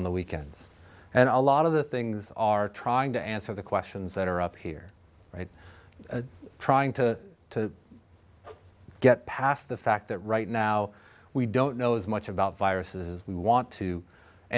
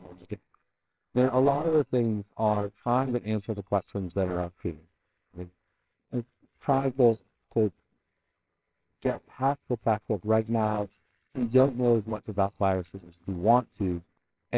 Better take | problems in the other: first | noise reduction (neural separator model SepFormer WHAMR!)

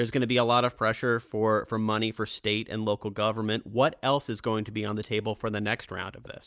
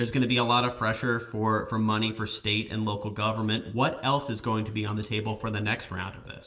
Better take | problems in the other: first | room echo; dies away in 0.8 s

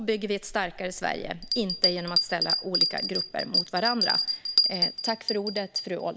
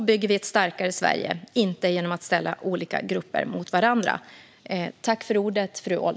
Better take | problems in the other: second | background sound (Bell); 2 dB above the speech

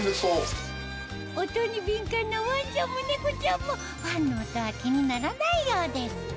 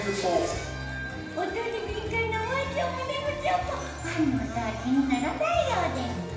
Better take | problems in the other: first | background sound (Crowd); 17 dB below the speech // room echo; dies away in 0.9 s

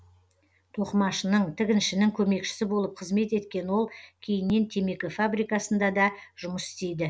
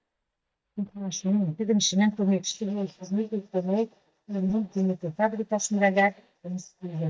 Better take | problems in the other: first | noise reduction (neural mask model DeepFilterNet 3)

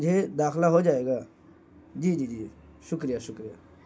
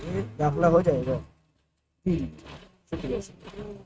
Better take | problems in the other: first | noise reduction (neural mask model RNNoise)

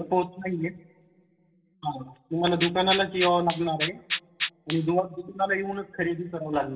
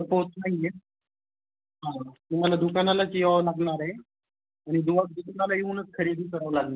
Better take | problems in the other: second | background sound (Rattle (instrument)); 7 dB below the speech // room echo; dies away in 0.3 s

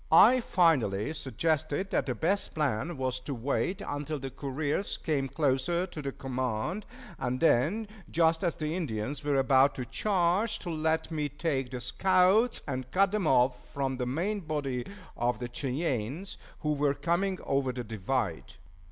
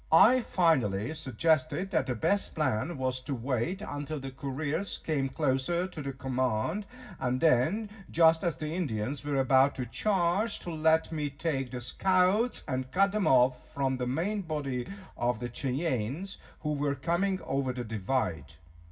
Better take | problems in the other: first | room echo; dies away in 0.4 s

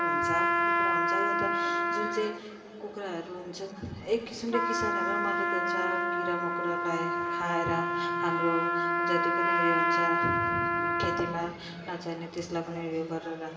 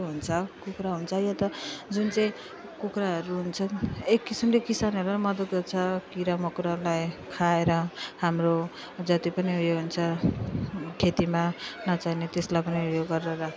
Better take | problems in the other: second | background sound (Trumpet); 5 dB above the speech // room echo; dies away in 2.4 s

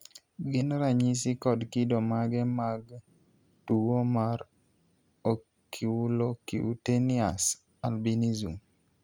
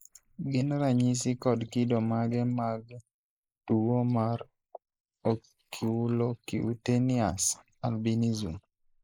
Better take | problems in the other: first | noise reduction (neural mask model Resemble Enhance denoiser)

